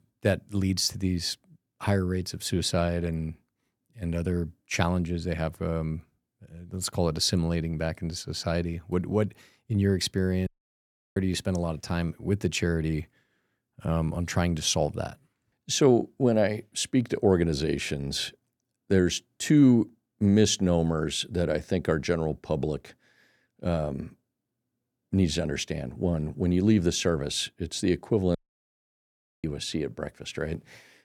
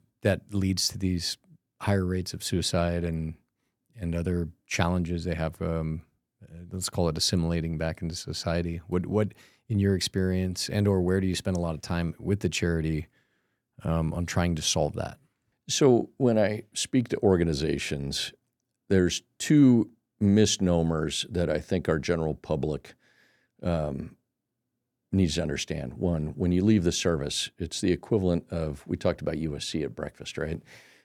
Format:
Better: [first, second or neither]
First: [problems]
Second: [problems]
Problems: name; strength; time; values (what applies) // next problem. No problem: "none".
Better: second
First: audio cutting out; at 10 s for 0.5 s and at 28 s for 1 s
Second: none